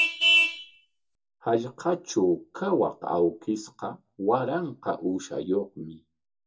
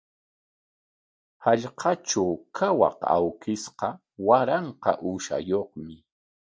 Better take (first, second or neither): second